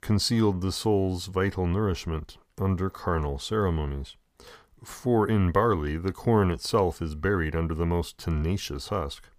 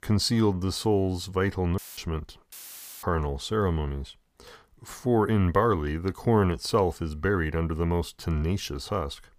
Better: first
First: none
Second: audio cutting out; filled with static; at 2 s and at 2.5 s for 0.5 s

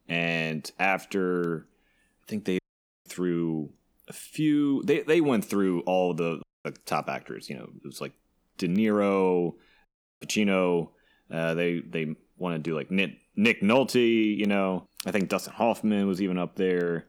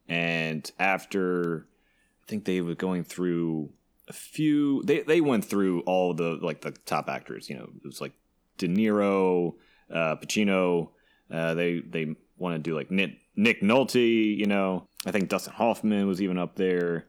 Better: second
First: audio cutting out; at 2.5 s, at 6.5 s and at 10 s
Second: none

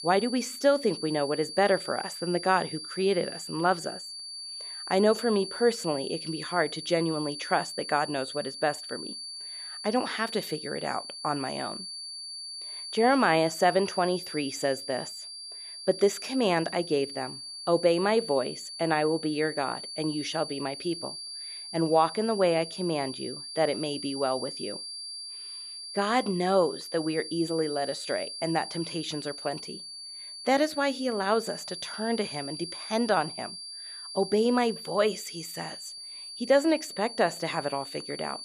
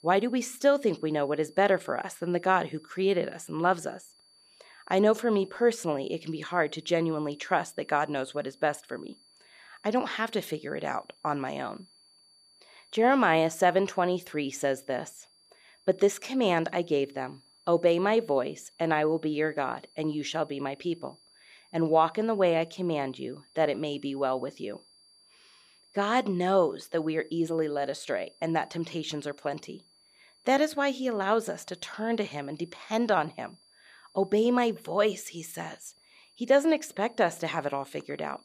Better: second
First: high-pitched whine; loud; throughout; 4.5 kHz, 9 dB below the speech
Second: high-pitched whine; faint; throughout; 4.5 kHz, 30 dB below the speech

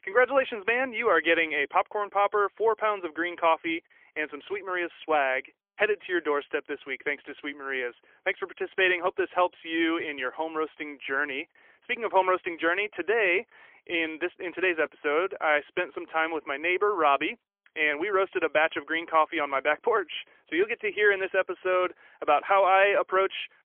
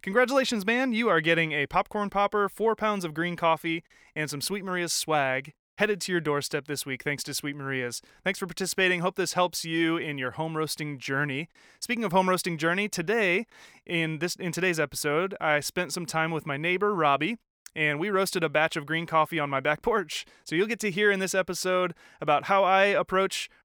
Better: second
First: phone-call audio; poor line; nothing above 3.5 kHz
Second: none

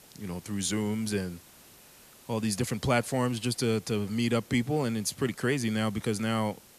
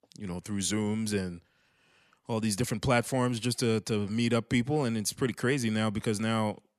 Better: second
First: hiss; faint; throughout; 25 dB below the speech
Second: none

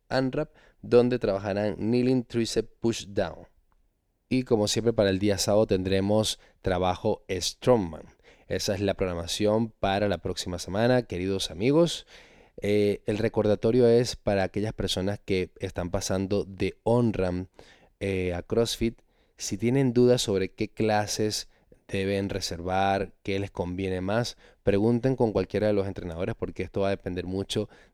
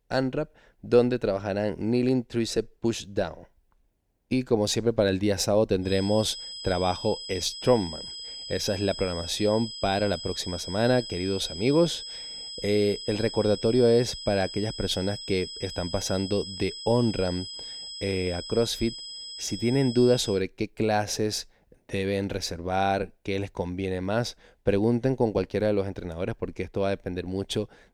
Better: first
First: none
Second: high-pitched whine; loud; from 6 to 20 s; 5 kHz, 9 dB below the speech

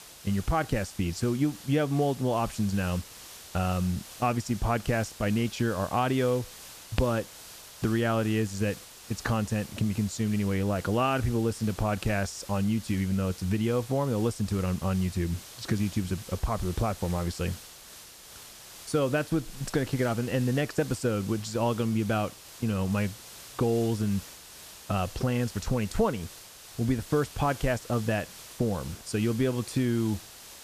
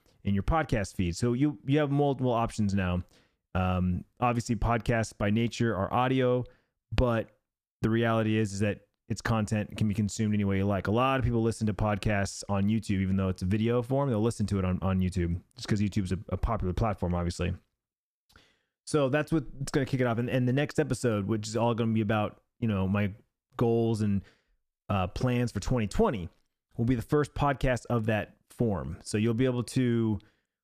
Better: second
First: hiss; noticeable; throughout; 15 dB below the speech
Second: none

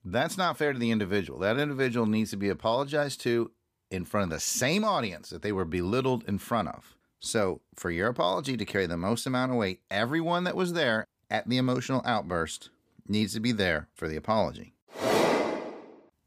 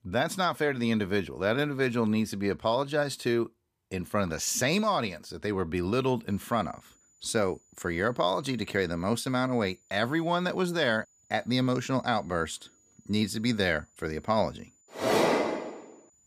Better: first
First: none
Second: high-pitched whine; faint; from 6.5 s on; 7 kHz, 35 dB below the speech

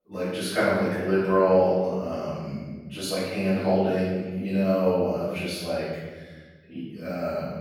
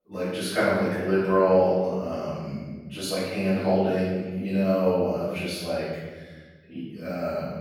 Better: neither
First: room echo; strong; dies away in 1.5 s // off-mic speech; far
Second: room echo; strong; dies away in 1.5 s // off-mic speech; far

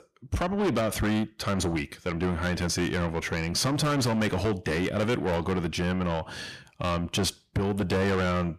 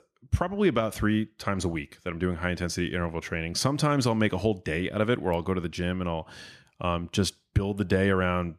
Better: second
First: distortion; heavy; 6 dB below the speech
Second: none

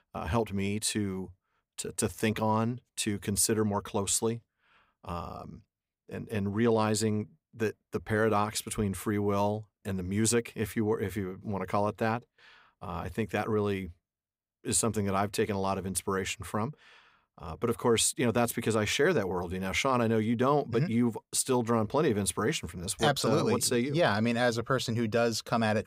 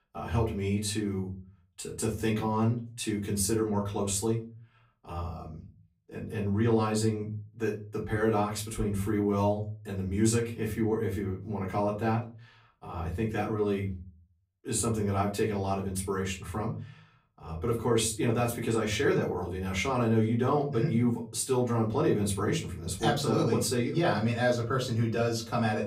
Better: first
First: none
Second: off-mic speech; far // room echo; very slight; dies away in 0.4 s

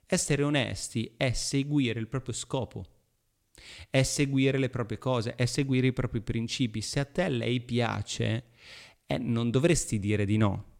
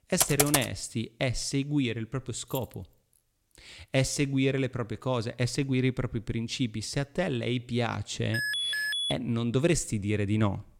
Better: first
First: none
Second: keyboard typing; loud; at the start; peak 5 dB above the speech // jangling keys; faint; at 2.5 s; peak 15 dB below the speech // alarm; loud; at 8.5 s; peak 2 dB above the speech

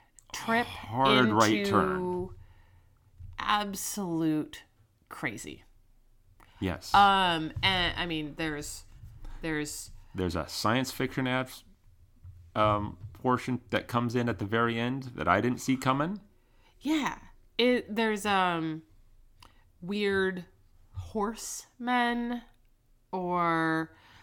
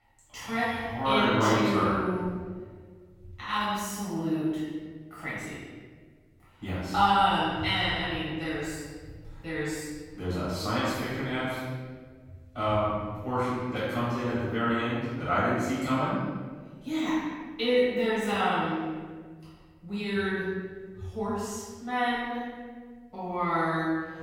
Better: first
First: none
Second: off-mic speech; far // room echo; strong; dies away in 1.4 s

